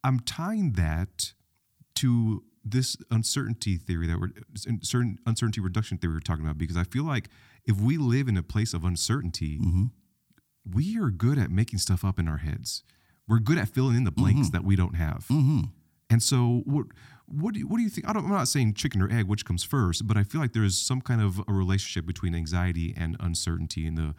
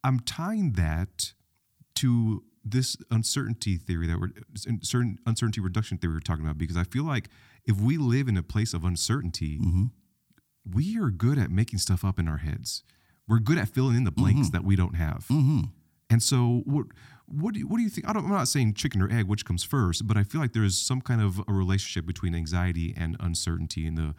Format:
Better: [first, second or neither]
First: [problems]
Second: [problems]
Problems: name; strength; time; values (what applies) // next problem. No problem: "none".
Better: neither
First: none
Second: none